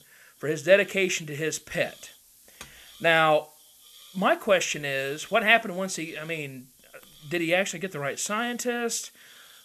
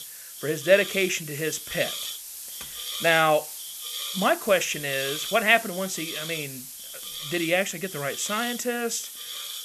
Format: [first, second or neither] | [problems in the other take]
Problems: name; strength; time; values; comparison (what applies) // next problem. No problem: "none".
first | hiss; loud; throughout; 8 dB below the speech; faint in the first